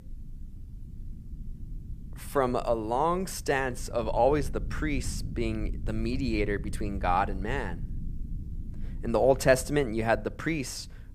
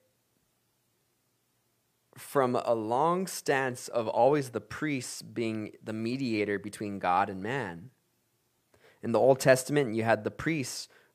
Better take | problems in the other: second | low rumble; faint; throughout; 25 dB below the speech

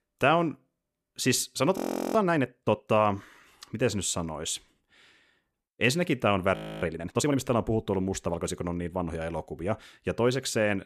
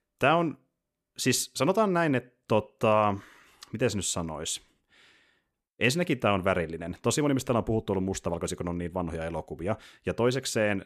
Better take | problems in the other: second | audio freezing; at 2 s and at 6.5 s

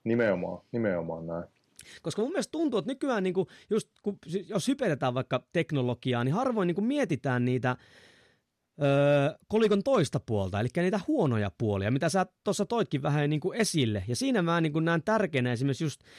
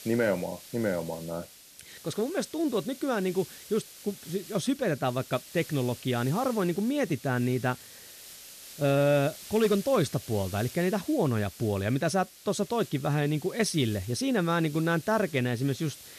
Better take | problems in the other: first | hiss; noticeable; throughout; 15 dB below the speech

